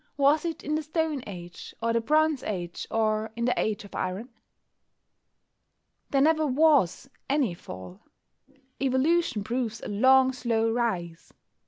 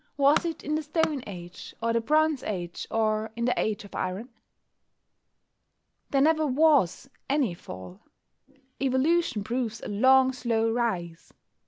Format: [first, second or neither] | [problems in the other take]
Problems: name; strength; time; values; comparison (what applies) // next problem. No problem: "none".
first | background sound (Tools); 11 dB below the speech